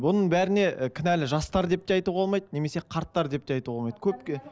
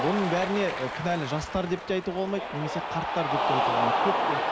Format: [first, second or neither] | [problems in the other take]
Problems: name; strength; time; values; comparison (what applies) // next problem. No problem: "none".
first | background sound (Cheering); 1 dB above the speech